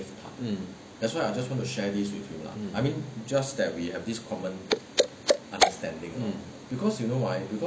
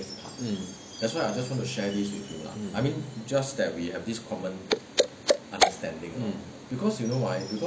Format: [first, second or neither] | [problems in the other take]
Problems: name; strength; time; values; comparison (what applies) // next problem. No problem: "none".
first | background sound (Chime); 20 dB below the speech